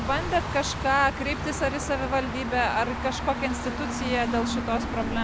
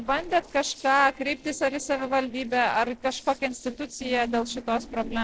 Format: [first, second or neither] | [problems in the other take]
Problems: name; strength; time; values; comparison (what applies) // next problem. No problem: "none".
first | noise reduction (neural separator model SepFormer DNS4)